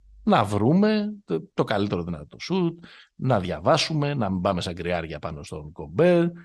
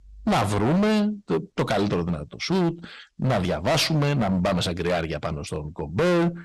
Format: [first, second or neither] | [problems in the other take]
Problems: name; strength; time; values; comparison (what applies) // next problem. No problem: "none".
first | distortion; heavy; 19% of the sound clipped